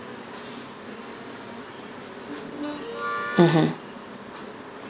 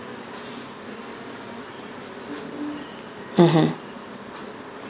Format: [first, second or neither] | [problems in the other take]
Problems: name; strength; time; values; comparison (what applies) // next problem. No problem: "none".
second | background sound (Harmonica); 6 dB below the speech